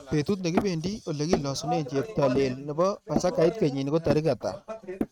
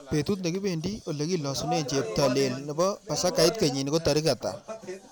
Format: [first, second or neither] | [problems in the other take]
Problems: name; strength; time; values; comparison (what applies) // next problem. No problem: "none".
second | noise reduction (neural mask model RNNoise)